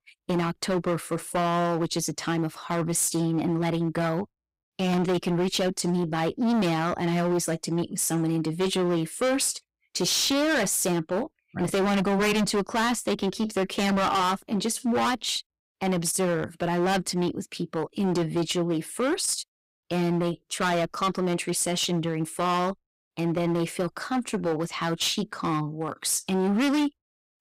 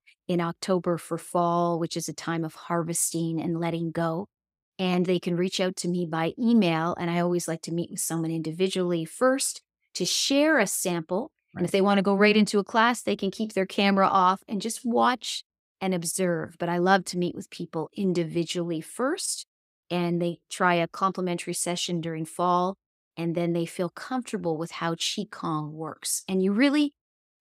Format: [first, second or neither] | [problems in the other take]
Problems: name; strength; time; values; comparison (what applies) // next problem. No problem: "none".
second | distortion; heavy; 18% of the sound clipped